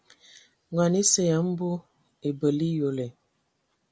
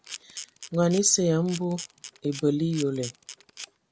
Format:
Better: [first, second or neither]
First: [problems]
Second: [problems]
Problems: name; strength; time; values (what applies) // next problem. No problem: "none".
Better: first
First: none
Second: background sound (Camera); 15 dB below the speech